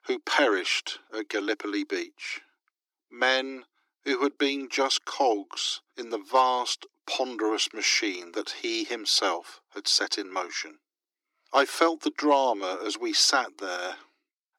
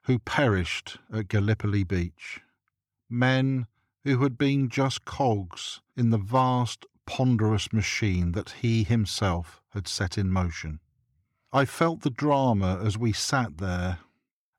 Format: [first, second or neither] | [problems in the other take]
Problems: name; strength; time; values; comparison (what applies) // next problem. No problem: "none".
second | thin; very; fading below 300 Hz